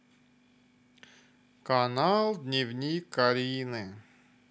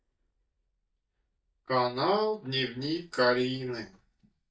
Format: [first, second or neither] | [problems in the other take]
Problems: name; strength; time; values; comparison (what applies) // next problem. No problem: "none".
first | noise reduction (neural mask model DeepFilterNet 3)